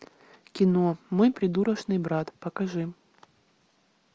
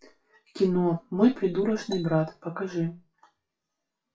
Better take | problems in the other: first | noise reduction (classical method WPE with log-MMSE)

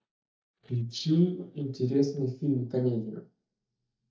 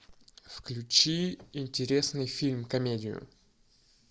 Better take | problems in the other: second | noise reduction (neural mask model DeepFilterNet 3)

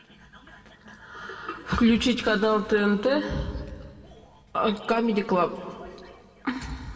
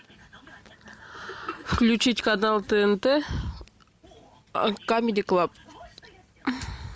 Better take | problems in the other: second | room echo; dies away in 1.9 s

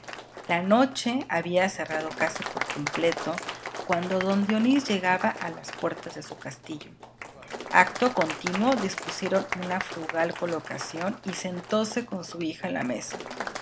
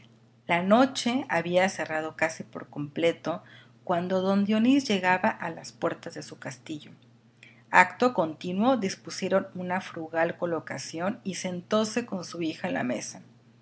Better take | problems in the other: second | background sound (Applause); 9 dB below the speech

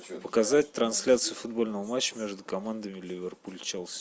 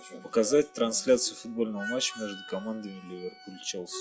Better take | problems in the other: first | noise reduction (classical method log-MMSE)

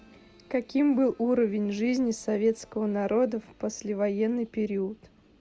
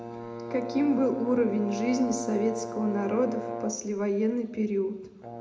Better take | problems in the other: first | background sound (Brass instrument); 9 dB below the speech // room echo; dies away in 0.6 s

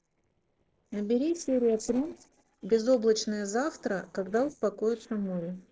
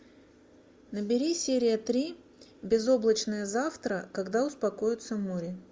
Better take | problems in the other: second | noise reduction (neural separator model SepFormer DNS4)

